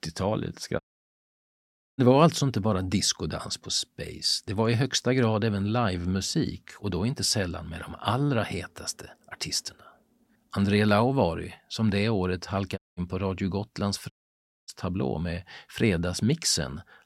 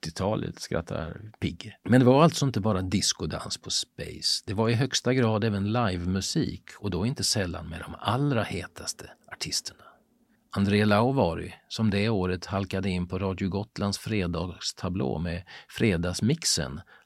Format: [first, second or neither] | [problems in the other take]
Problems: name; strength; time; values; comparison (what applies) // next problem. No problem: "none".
second | audio cutting out; at 1 s for 1 s, at 13 s and at 14 s for 0.5 s